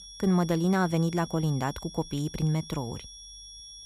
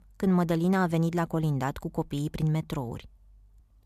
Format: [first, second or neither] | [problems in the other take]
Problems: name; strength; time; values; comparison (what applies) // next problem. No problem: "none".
second | high-pitched whine; noticeable; throughout; 5.5 kHz, 15 dB below the speech